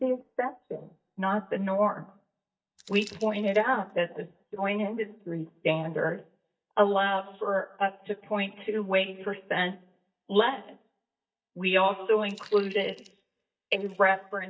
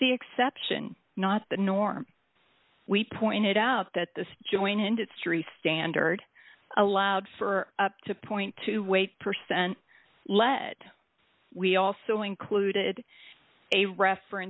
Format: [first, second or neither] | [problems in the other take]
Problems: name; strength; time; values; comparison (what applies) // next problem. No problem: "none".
second | noise reduction (neural mask model DeepFilterNet 3)